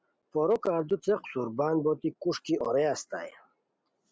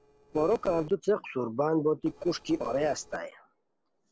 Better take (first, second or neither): first